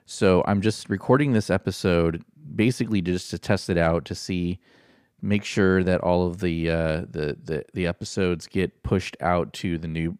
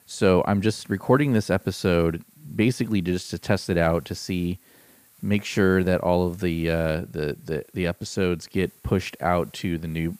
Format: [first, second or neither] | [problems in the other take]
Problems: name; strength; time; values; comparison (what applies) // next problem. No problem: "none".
first | hiss; faint; throughout; 30 dB below the speech